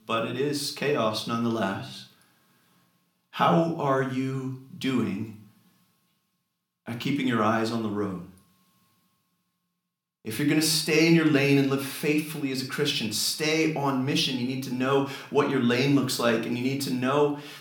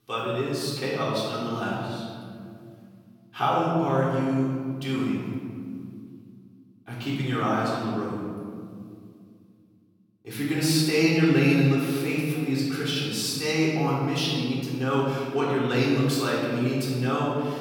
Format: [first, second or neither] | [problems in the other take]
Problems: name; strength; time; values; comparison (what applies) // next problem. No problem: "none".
first | room echo; strong; dies away in 2.1 s; slight in the first // off-mic speech; far; somewhat distant in the first